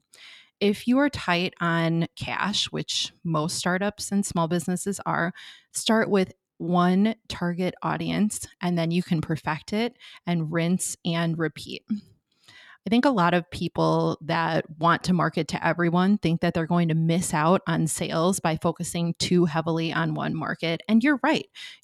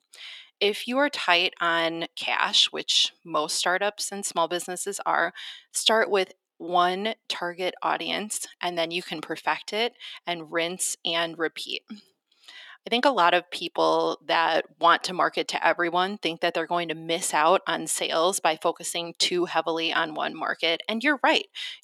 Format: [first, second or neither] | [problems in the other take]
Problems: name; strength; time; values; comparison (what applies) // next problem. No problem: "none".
first | thin; very; fading below 400 Hz